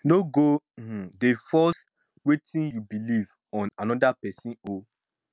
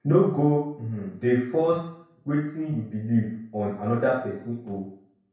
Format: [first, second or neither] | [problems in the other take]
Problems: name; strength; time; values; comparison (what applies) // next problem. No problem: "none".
first | room echo; dies away in 0.6 s